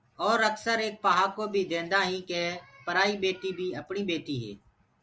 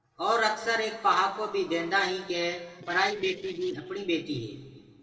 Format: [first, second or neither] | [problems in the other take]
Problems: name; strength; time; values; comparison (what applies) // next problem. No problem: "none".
first | noise reduction (neural separator model SepFormer DNS4)